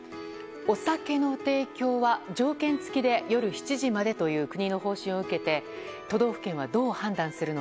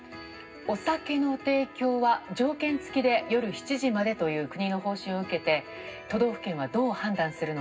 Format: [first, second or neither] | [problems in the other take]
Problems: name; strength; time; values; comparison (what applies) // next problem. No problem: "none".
first | room echo; dies away in 0.4 s